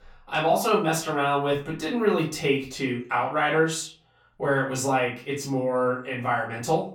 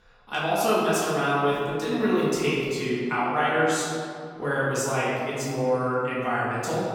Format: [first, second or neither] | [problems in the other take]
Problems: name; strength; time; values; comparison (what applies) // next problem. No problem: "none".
first | room echo; strong; dies away in 2.1 s; slight in the first // off-mic speech; far; far in the first